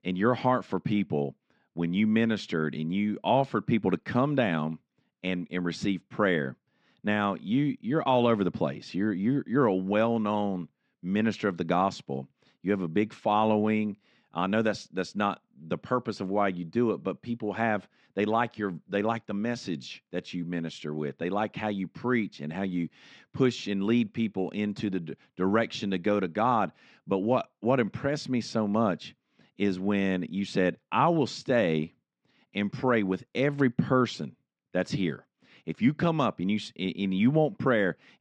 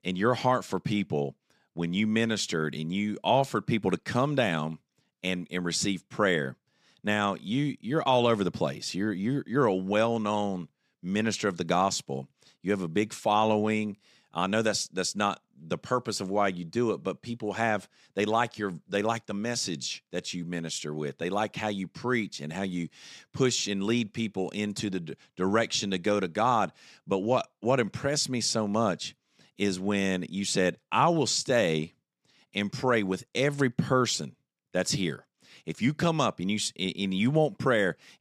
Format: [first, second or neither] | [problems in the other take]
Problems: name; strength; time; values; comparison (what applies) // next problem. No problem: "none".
second | muffled; slightly; fading above 3 kHz